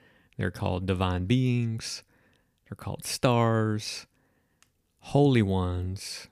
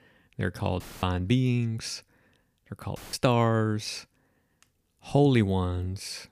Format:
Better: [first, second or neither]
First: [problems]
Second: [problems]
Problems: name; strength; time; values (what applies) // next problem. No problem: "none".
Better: first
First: none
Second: audio cutting out; filled with static; at 1 s and at 3 s